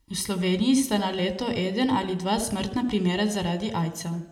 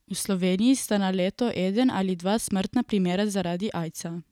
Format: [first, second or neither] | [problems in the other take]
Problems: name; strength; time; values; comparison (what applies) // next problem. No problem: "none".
second | room echo; dies away in 0.7 s